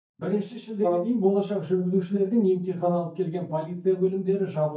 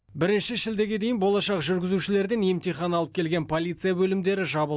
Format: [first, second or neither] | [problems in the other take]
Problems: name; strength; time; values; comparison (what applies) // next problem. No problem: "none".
second | noise reduction (neural mask model DeepFilterNet 3)